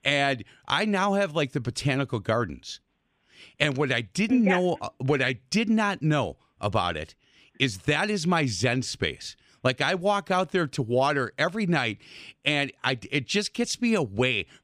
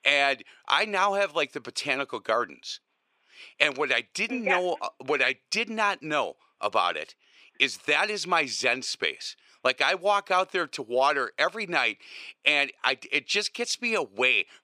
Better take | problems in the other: first | thin; somewhat; fading below 500 Hz

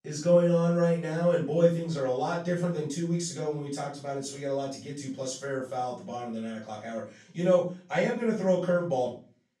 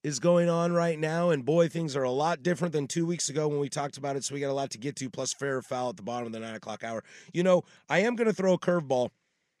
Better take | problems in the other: second | off-mic speech; far // room echo; noticeable; dies away in 0.3 s

